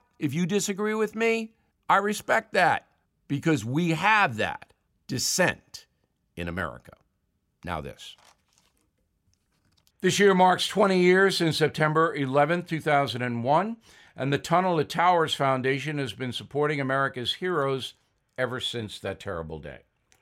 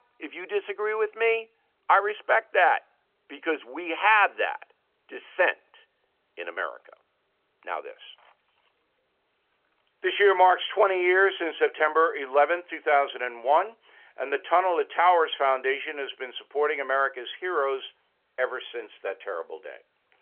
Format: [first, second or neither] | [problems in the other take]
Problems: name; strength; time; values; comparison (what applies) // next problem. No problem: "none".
first | phone-call audio; nothing above 3.5 kHz